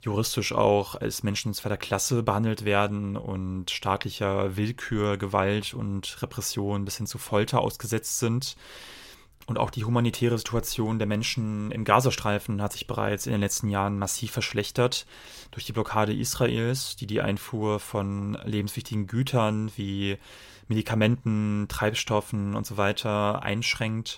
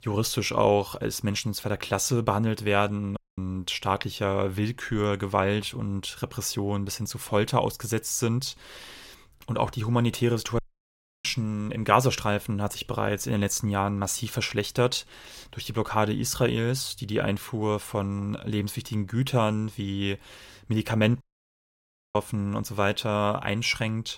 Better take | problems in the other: first | audio cutting out; at 3 s, at 11 s for 0.5 s and at 21 s for 1 s

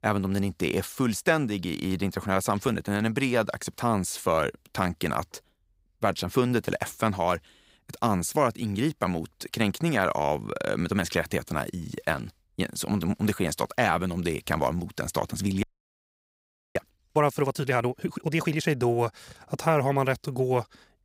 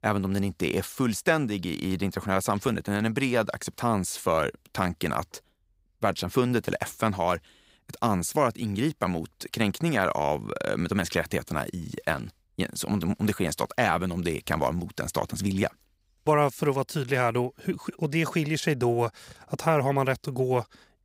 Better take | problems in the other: second | audio freezing; at 16 s for 1 s

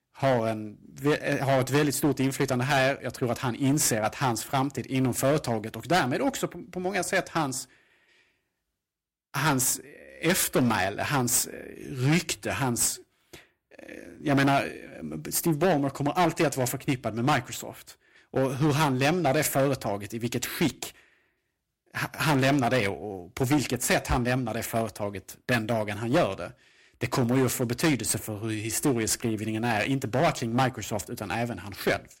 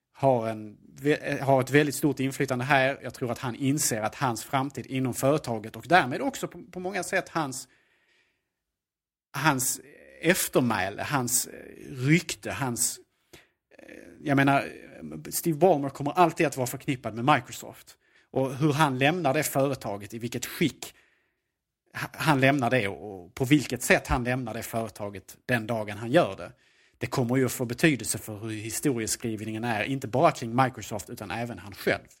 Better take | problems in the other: second | distortion; heavy; 8% of the sound clipped

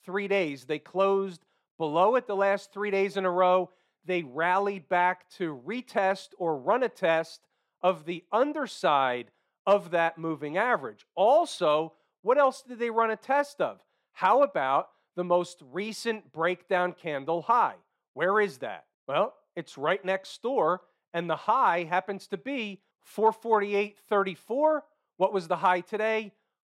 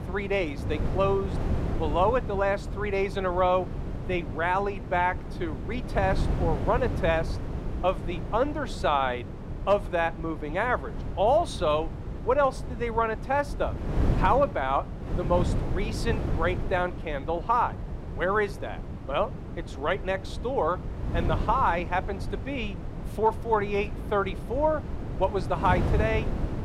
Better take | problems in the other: first | wind noise on the microphone; occasional gusts; 15 dB below the speech

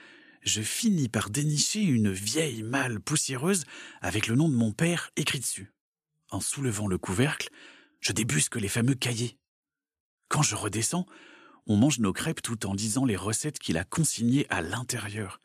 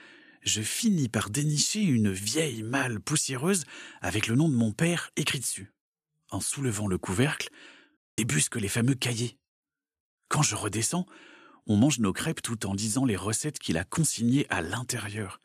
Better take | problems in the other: first | audio cutting out; at 8 s

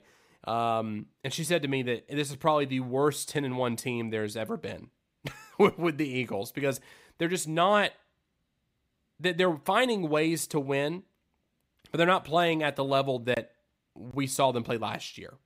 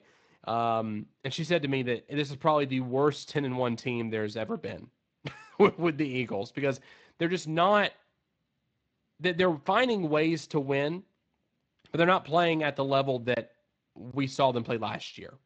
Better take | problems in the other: first | garbled, watery; slightly; nothing above 8 kHz

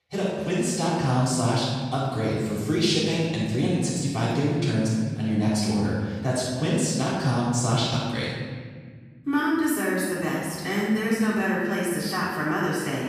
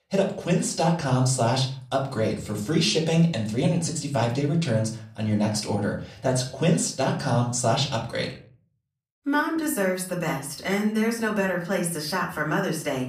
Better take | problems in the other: second | room echo; strong; dies away in 1.9 s; slight in the second // off-mic speech; far; far in the second

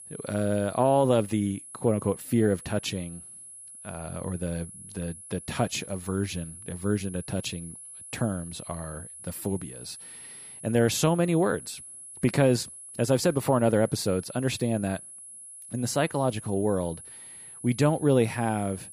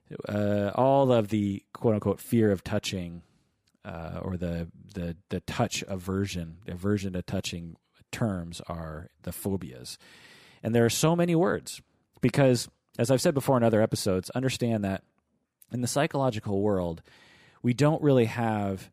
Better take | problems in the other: second | high-pitched whine; noticeable; throughout; 10.5 kHz, 15 dB below the speech

